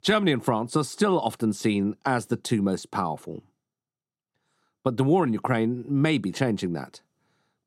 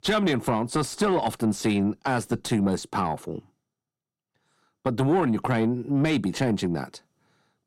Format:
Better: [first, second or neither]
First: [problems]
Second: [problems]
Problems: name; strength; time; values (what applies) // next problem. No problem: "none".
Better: first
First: none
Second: distortion; slight; 10 dB below the speech